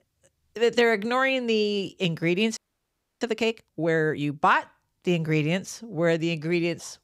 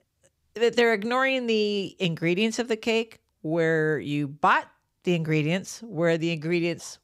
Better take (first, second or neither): second